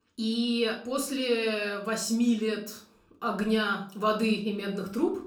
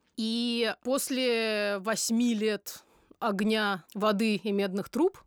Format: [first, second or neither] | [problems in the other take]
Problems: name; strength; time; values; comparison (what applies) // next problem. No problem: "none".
second | off-mic speech; far // room echo; slight; dies away in 0.3 s